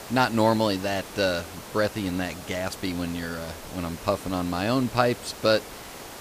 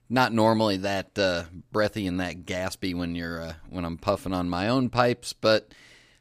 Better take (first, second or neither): second